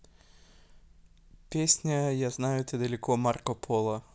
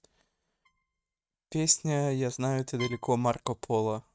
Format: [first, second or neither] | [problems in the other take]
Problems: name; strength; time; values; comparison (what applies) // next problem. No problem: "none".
first | noise reduction (neural mask model RNNoise)